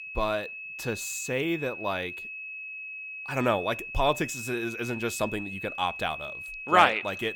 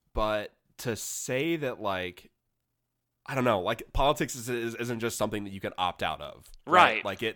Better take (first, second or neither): second